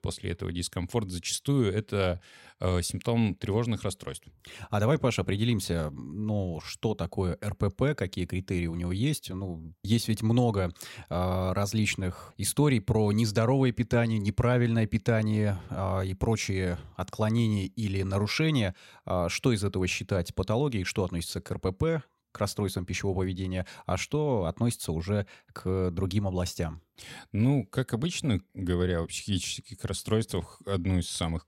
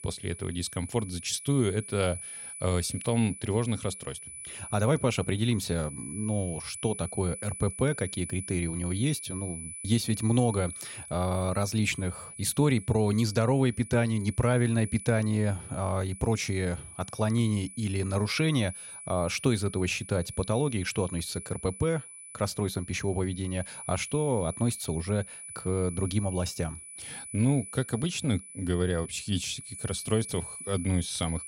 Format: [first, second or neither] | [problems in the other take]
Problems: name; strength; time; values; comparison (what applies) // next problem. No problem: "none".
first | high-pitched whine; noticeable; throughout; 10 kHz, 10 dB below the speech